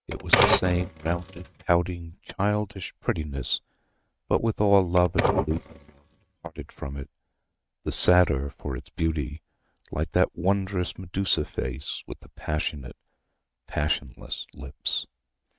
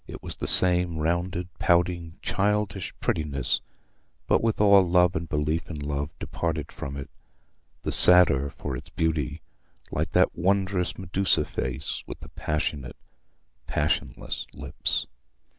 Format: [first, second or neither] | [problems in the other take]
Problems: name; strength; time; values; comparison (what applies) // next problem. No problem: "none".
second | noise reduction (neural mask model RNNoise)